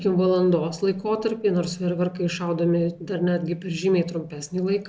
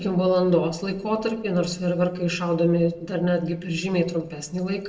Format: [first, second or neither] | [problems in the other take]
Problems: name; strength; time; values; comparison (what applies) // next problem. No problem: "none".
first | room echo; dies away in 0.6 s